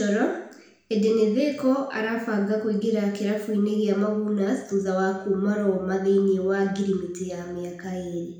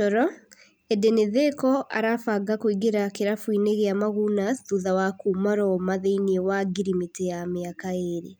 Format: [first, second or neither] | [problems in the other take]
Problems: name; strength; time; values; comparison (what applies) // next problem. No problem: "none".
second | room echo; dies away in 0.7 s